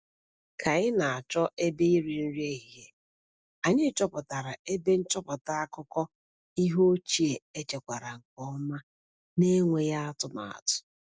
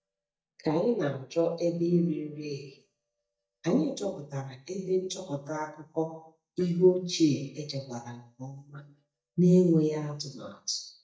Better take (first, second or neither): first